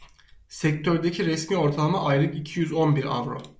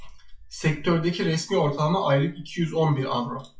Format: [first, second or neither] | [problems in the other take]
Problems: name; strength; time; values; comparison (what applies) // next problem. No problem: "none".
first | noise reduction (classical method WPE with log-MMSE)